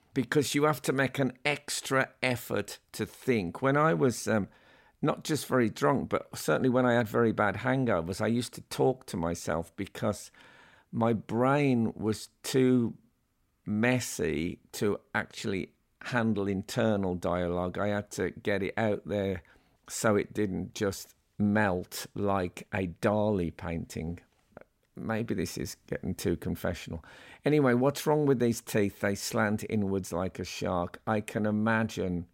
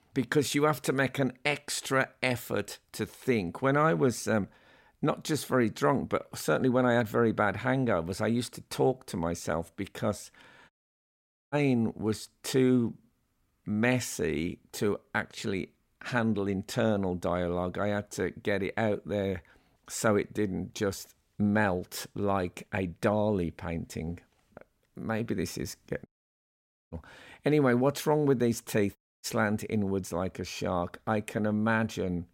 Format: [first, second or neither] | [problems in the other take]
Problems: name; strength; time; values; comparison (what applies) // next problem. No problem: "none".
first | audio cutting out; at 11 s for 1 s, at 26 s for 1 s and at 29 s